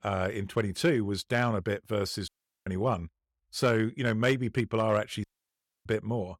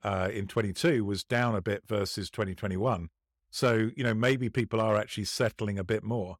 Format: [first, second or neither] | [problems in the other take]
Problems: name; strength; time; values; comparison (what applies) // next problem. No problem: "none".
second | audio cutting out; at 2.5 s and at 5 s for 0.5 s